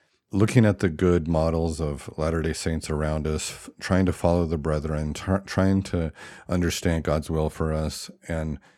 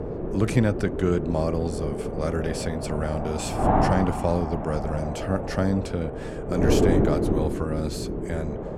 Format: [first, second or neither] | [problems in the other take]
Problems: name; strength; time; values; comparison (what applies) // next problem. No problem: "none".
first | wind noise on the microphone; heavy; 1 dB above the speech